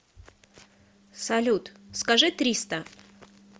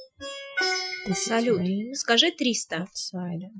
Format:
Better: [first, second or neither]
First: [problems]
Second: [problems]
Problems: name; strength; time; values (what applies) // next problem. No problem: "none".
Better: first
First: none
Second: noise reduction (classical method Wiener filter)